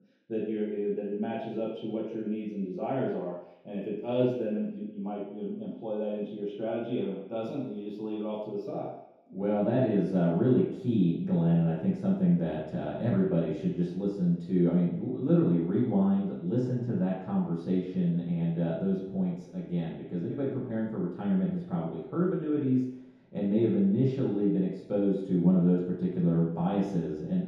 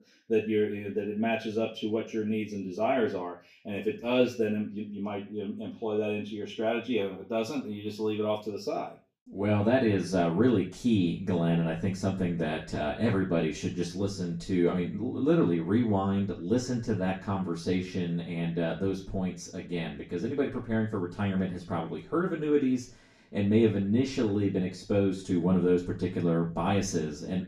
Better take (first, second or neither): second